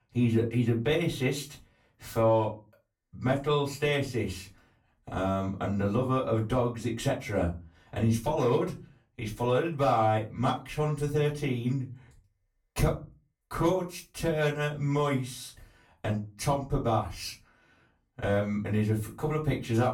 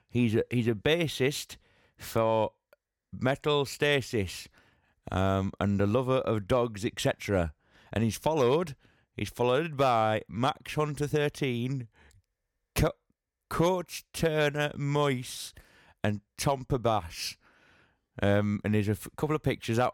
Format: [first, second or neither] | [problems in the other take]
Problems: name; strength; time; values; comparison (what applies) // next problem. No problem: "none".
second | off-mic speech; far // room echo; very slight; dies away in 0.3 s